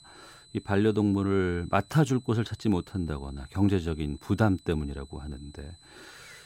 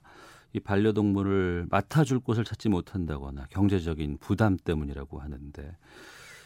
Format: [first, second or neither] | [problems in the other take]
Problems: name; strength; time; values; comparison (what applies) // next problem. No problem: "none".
second | high-pitched whine; faint; throughout; 4 kHz, 25 dB below the speech